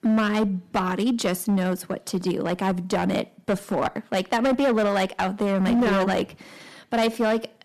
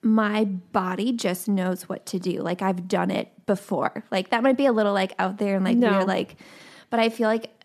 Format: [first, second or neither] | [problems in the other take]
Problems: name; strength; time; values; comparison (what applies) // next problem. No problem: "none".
second | distortion; slight; 11% of the sound clipped